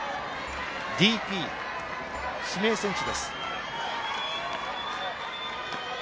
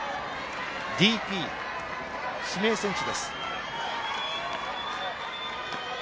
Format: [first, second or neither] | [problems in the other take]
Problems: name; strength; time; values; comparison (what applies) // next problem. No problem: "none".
second | background sound (Marimba, xylophone / Wood); 18 dB below the speech